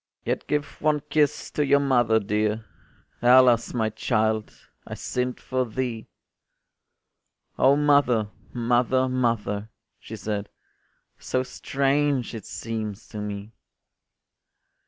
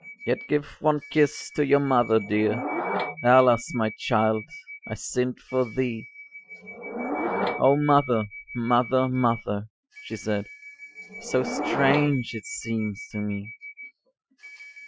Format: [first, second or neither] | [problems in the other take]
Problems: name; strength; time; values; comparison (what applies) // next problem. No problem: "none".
first | noise reduction (classical method Wiener filter)